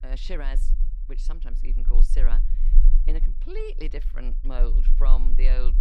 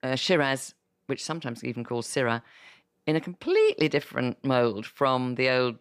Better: second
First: low rumble; noticeable; throughout; 15 dB below the speech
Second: none

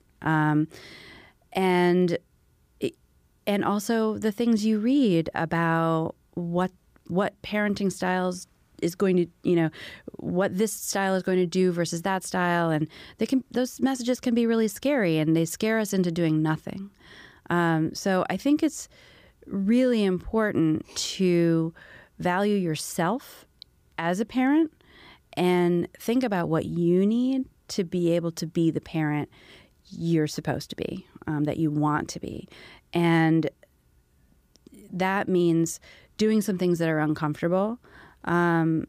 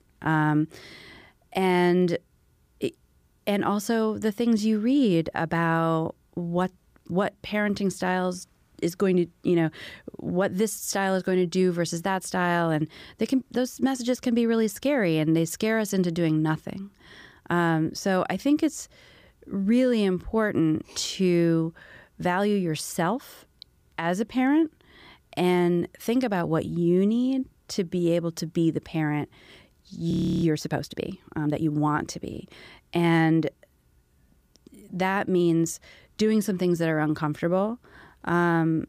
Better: first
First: none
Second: audio freezing; at 30 s

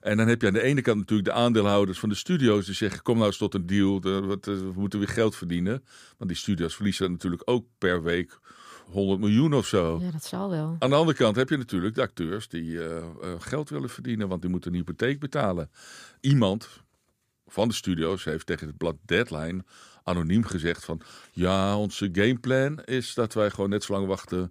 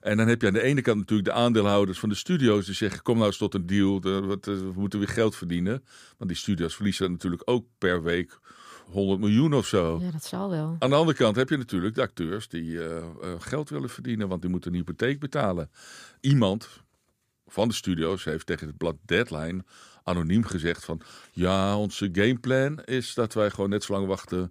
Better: neither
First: none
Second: none

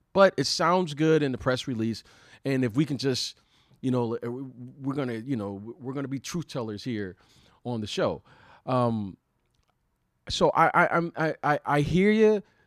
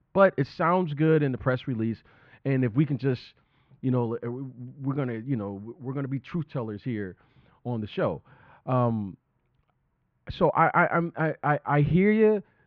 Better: first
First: none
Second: muffled; very; fading above 2.5 kHz

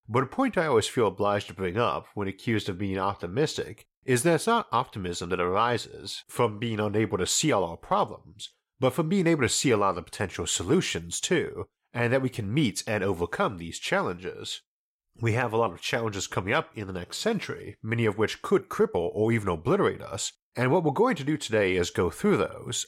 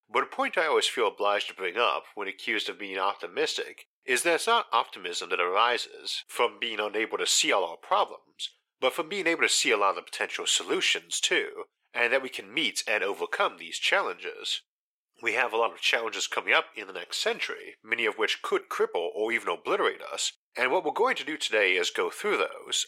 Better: first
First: none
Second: thin; very; fading below 400 Hz

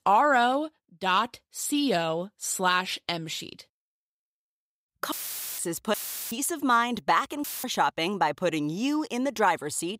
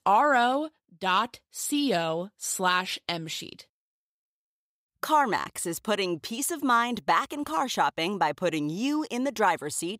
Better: second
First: audio cutting out; filled with static; at 5 s, at 6 s and at 7.5 s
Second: none

